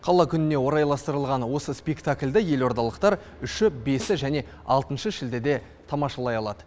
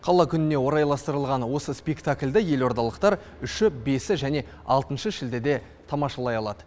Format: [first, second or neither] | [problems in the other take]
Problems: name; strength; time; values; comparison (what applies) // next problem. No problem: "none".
second | background sound (Snare drum); 19 dB below the speech